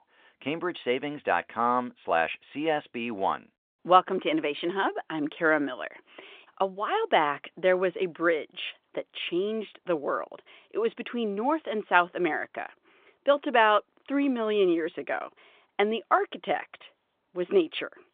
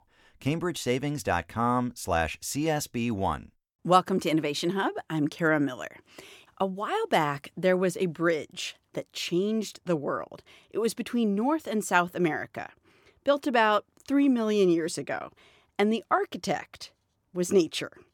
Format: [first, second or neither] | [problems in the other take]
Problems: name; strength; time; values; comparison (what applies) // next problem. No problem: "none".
second | phone-call audio; nothing above 3 kHz